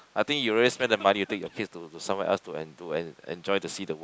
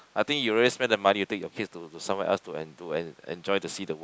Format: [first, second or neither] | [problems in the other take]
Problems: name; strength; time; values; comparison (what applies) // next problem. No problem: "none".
second | background sound (Cough); 19 dB below the speech